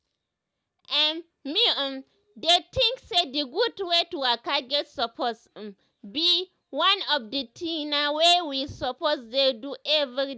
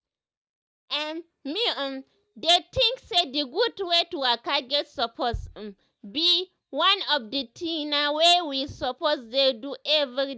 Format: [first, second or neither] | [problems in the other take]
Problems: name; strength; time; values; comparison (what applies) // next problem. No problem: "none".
first | noise reduction (neural mask model DeepFilterNet 3)